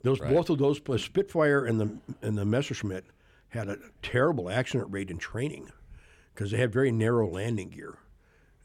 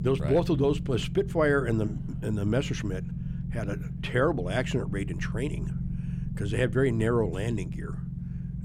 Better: first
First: none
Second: low rumble; noticeable; throughout; 15 dB below the speech

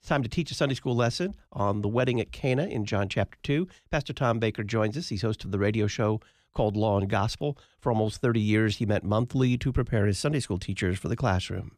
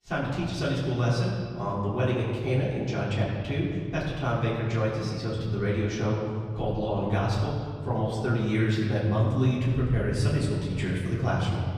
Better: first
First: none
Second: off-mic speech; far // room echo; noticeable; dies away in 2.3 s

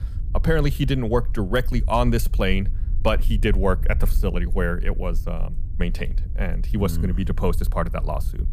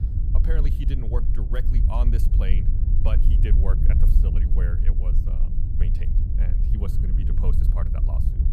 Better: first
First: low rumble; faint; throughout; 20 dB below the speech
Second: low rumble; loud; throughout; 1 dB below the speech

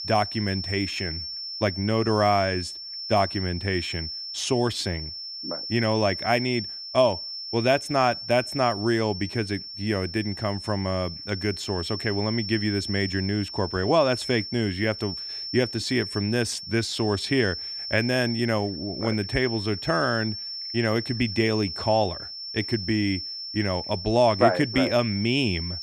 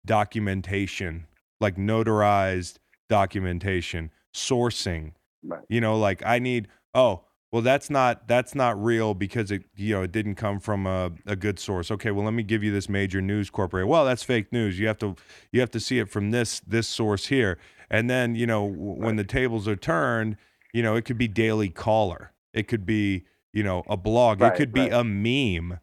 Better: second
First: high-pitched whine; loud; throughout; 5.5 kHz, 7 dB below the speech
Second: none

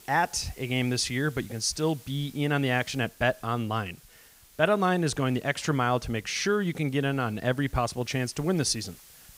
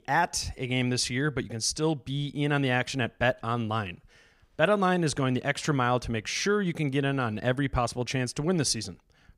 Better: second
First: hiss; faint; throughout; 25 dB below the speech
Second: none

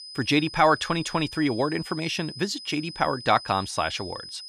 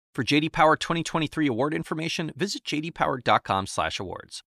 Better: second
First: high-pitched whine; noticeable; throughout; 5 kHz, 15 dB below the speech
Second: none

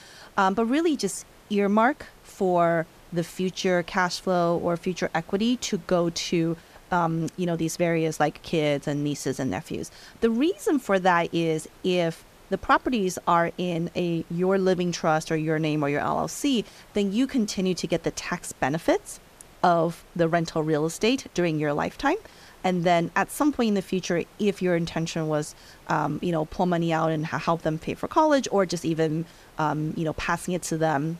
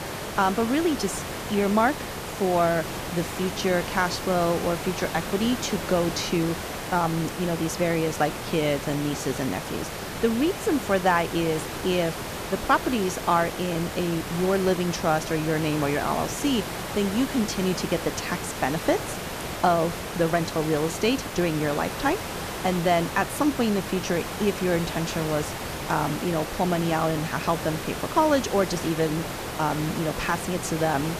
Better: first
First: hiss; faint; throughout; 25 dB below the speech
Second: hiss; loud; throughout; 6 dB below the speech

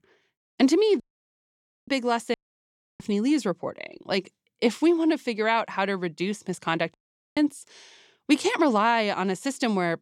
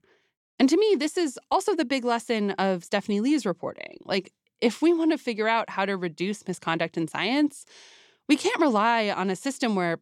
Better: second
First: audio cutting out; at 1 s for 1 s, at 2.5 s for 0.5 s and at 7 s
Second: none

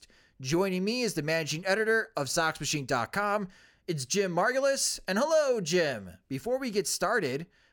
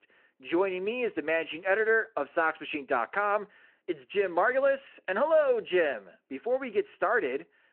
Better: first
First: none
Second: phone-call audio

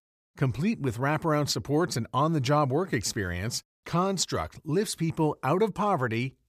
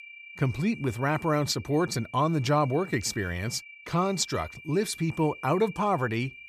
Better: first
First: none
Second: high-pitched whine; noticeable; throughout; 2.5 kHz, 15 dB below the speech

